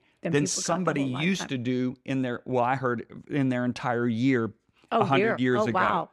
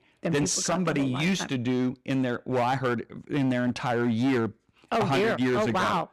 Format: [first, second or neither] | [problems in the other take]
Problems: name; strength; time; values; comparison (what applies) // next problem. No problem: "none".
first | distortion; slight; 12% of the sound clipped